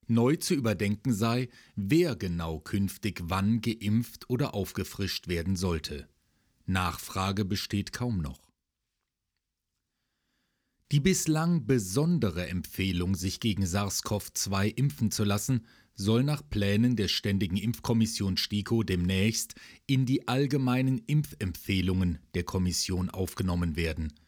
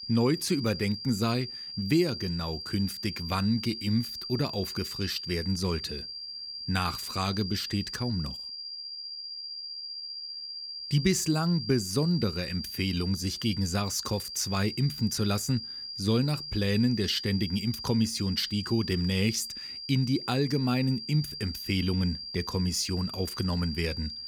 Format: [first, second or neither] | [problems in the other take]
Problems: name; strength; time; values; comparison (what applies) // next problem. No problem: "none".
first | high-pitched whine; loud; throughout; 4.5 kHz, 7 dB below the speech